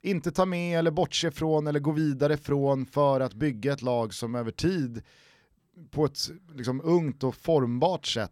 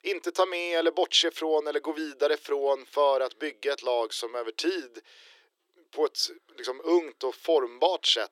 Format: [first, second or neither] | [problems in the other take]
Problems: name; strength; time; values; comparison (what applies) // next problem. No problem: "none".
first | thin; very; fading below 350 Hz